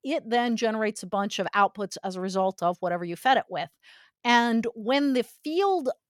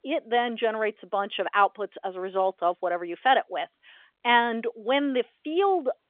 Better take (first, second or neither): first